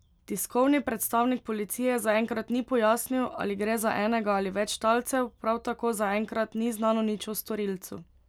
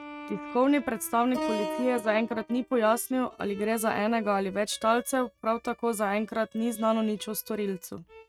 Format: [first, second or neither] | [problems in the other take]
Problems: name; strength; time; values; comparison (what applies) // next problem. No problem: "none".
first | noise reduction (neural mask model RNNoise)